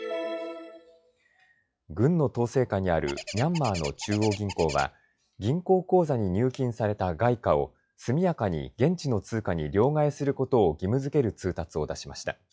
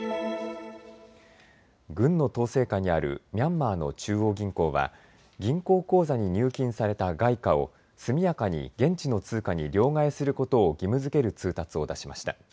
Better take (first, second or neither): second